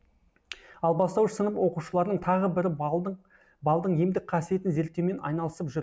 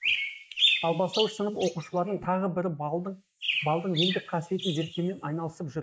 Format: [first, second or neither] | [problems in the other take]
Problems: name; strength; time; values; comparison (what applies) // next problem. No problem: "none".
first | noise reduction (neural mask model Resemble Enhance denoiser)